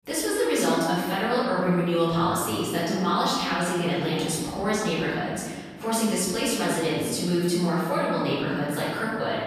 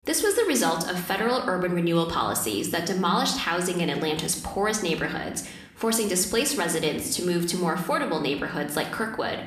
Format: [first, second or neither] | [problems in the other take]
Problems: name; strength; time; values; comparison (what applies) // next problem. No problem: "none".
second | room echo; strong; dies away in 1.6 s; slight in the second // off-mic speech; far